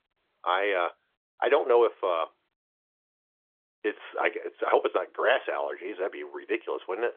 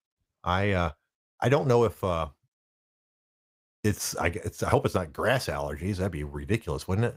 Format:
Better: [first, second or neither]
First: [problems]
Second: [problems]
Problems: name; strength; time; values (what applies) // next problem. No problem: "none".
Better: second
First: phone-call audio; nothing above 3.5 kHz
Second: none